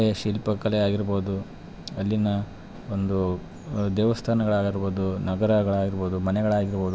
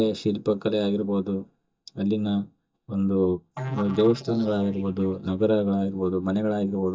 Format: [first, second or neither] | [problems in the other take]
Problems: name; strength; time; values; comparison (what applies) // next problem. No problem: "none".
first | noise reduction (neural mask model DeepFilterNet 3)